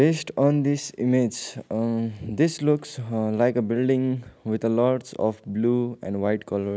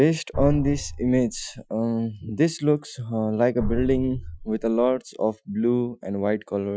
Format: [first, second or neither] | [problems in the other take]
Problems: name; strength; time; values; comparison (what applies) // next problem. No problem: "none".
first | noise reduction (classical method Wiener filter)